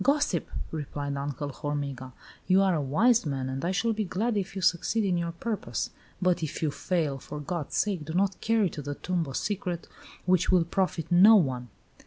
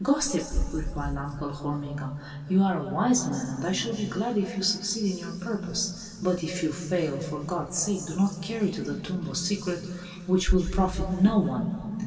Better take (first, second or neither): first